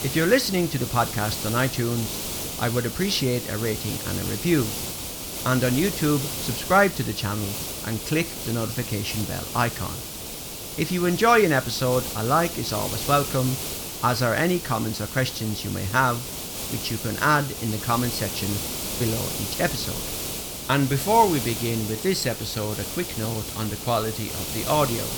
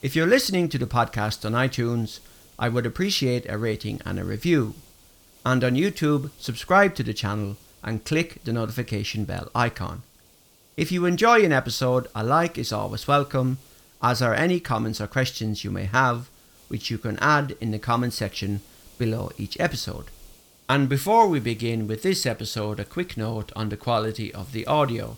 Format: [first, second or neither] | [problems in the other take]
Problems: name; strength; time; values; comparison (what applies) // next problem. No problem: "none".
second | hiss; loud; throughout; 5 dB below the speech; faint in the second